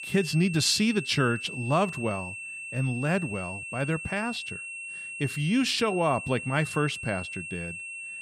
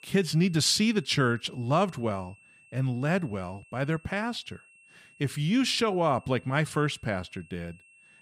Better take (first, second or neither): second